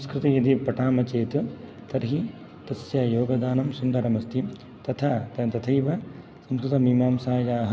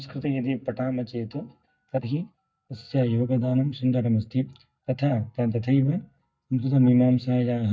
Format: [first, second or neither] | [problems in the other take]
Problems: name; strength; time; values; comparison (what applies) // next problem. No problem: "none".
first | noise reduction (neural mask model DeepFilterNet 3)